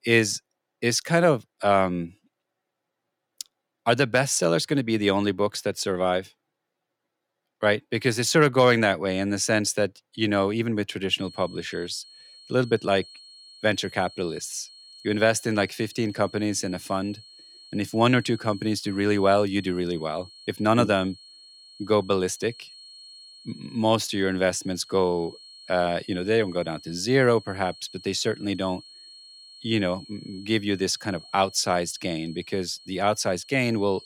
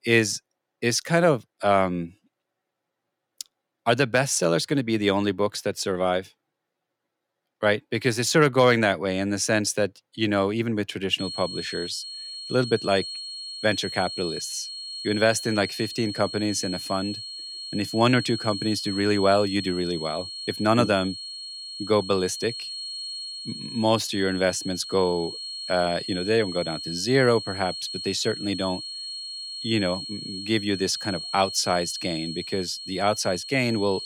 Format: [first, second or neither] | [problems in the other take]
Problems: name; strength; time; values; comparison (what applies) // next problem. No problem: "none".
first | high-pitched whine; loud; from 11 s on; 4.5 kHz, 8 dB below the speech; faint in the first